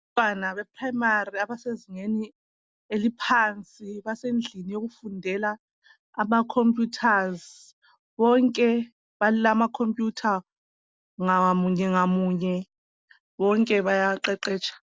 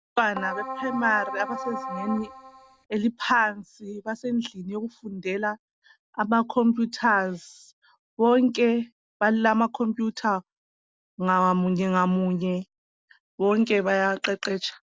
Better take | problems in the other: first | background sound (Keyboard (musical)); 8 dB below the speech

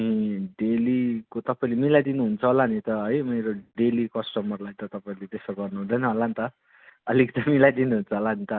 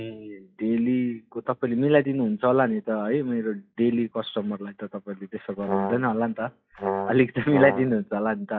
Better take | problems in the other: first | noise reduction (classical method log-MMSE)

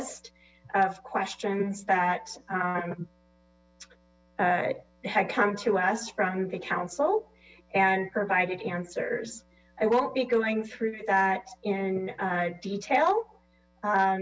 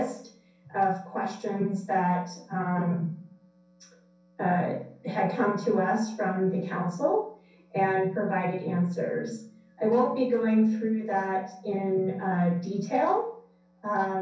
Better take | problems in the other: first | room echo; dies away in 0.6 s

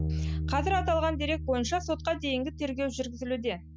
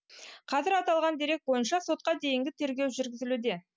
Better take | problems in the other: second | background sound (Bass guitar); 4 dB below the speech

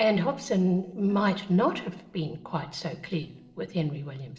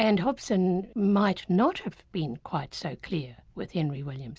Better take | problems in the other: second | noise reduction (neural separator model SepFormer DNS4)

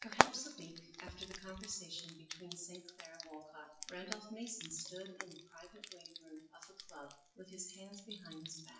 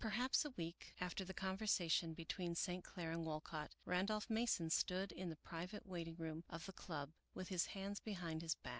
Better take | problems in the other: second | noise reduction (classical method WPE with log-MMSE)

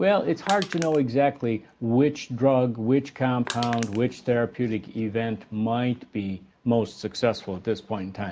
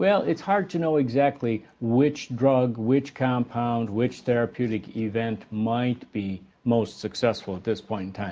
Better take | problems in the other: second | background sound (Crushing); 10 dB below the speech

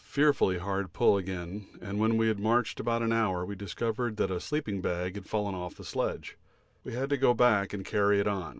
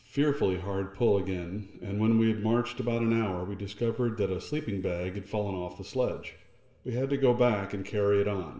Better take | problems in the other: first | room echo; dies away in 2.1 s

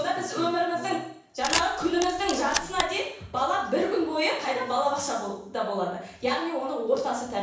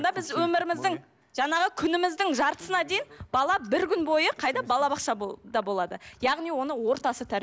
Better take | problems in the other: second | background sound (Camera); 5 dB below the speech // room echo; dies away in 0.7 s

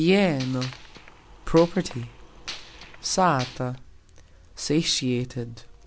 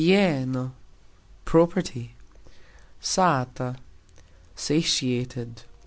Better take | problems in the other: second | background sound (Gunshot, gunfire); 16 dB below the speech

